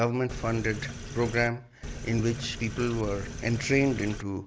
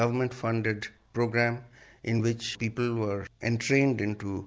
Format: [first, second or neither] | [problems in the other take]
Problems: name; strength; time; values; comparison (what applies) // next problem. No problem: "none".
second | background sound (Sink (filling or washing)); 9 dB below the speech